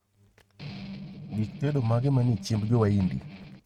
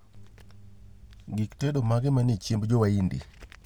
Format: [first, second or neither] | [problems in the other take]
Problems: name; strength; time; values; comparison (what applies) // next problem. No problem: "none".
second | noise reduction (neural mask model RNNoise)